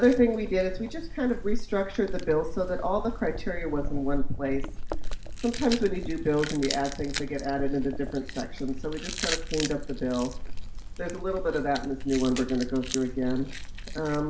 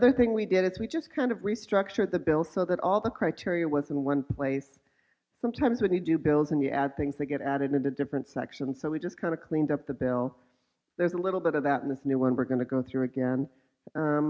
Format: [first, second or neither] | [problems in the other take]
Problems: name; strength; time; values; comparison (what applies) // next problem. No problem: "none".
second | background sound (Chewing, mastication); 3 dB below the speech // room echo; dies away in 0.4 s